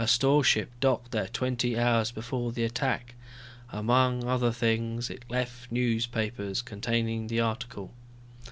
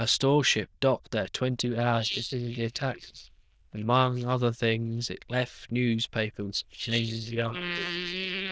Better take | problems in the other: first | noise reduction (neural diffusion model UNIVERSE++)

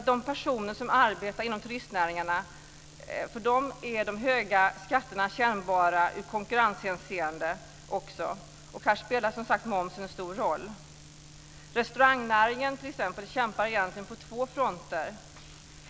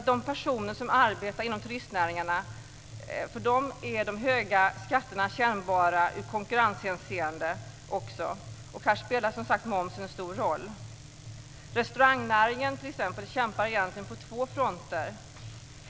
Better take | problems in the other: first | background sound (Mechanisms); 17 dB below the speech

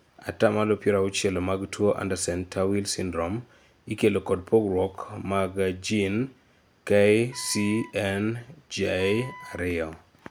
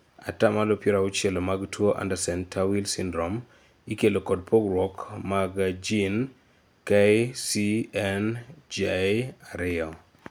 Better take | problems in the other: second | background sound (Wind instrument, woodwind instrument); 20 dB below the speech

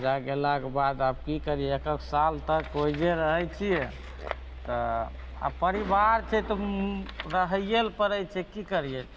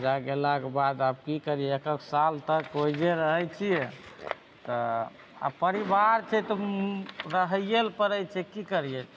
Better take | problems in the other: second | background sound (Mechanical fan); 13 dB below the speech

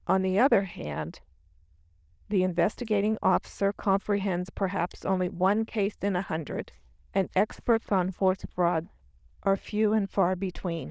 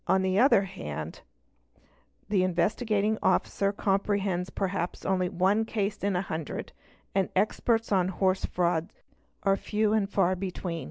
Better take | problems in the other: second | noise reduction (neural diffusion model UNIVERSE++)

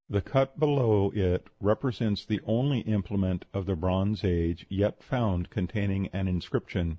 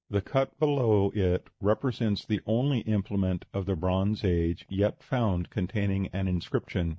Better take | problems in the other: first | noise reduction (neural mask model DeepFilterNet 3)

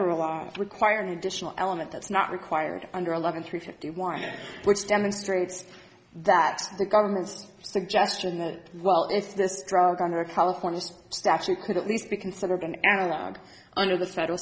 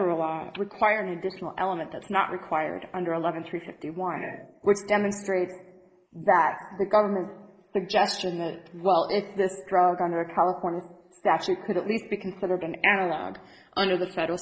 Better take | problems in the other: first | noise reduction (neural mask model Resemble Enhance denoiser)

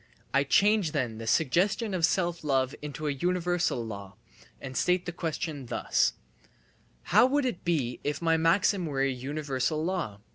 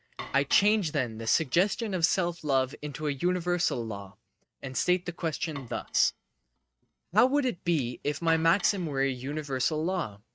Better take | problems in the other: first | noise reduction (neural mask model RNNoise)

